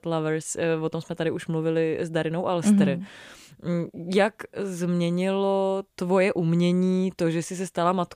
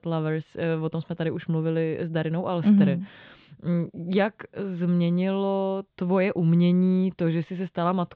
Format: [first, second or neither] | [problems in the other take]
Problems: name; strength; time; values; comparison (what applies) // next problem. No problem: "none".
first | muffled; very; fading above 3.5 kHz